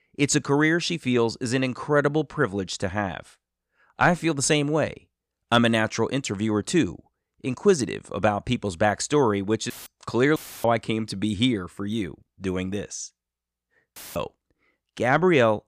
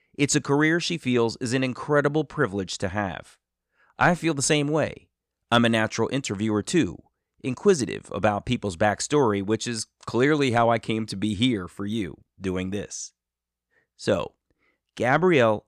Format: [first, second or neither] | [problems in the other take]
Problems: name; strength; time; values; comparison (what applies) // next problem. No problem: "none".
second | audio cutting out; filled with static; at 9.5 s, at 10 s and at 14 s